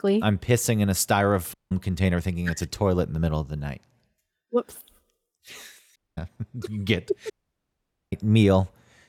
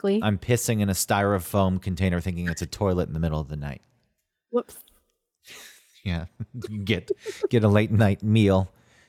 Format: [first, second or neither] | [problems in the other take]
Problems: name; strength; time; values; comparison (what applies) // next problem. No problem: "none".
second | audio cutting out; at 1.5 s, at 6 s and at 7.5 s for 1 s